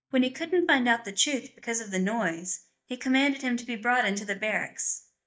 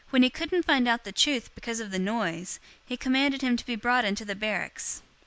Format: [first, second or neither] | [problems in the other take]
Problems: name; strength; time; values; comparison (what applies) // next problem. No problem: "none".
second | noise reduction (neural mask model DeepFilterNet 3)